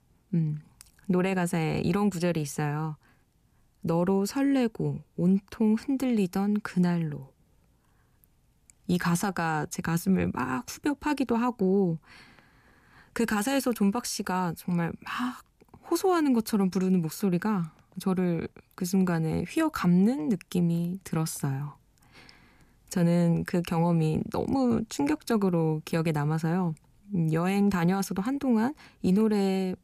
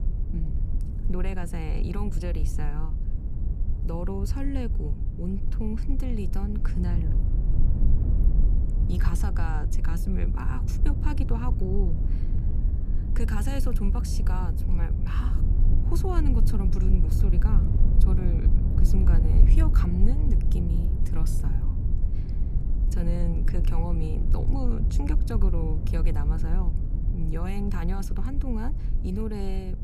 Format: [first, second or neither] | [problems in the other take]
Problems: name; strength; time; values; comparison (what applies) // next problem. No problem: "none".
first | low rumble; loud; throughout; 4 dB below the speech